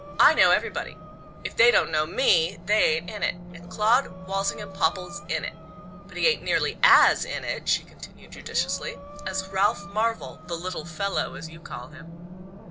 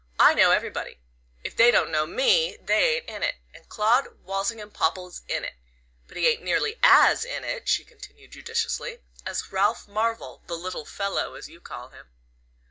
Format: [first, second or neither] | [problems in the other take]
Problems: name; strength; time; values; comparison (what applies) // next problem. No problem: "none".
second | background sound (Breathing + Race car, auto racing); 14 dB below the speech